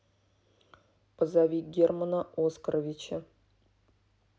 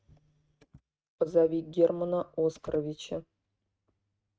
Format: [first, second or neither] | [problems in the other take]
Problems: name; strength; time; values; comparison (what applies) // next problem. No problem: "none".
first | noise reduction (neural mask model RNNoise)